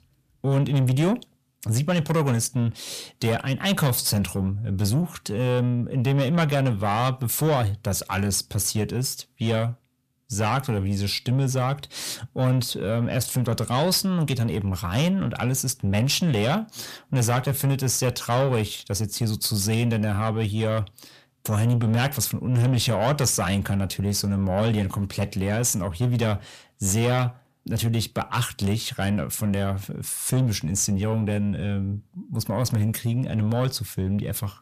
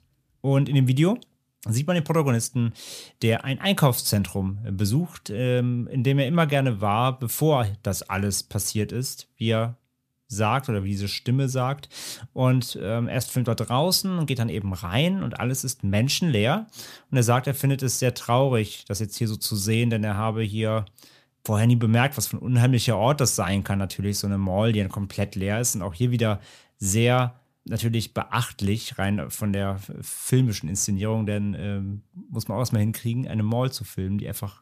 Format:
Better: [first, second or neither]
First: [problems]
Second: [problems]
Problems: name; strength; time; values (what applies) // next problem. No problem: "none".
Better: second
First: distortion; slight; 10 dB below the speech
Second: none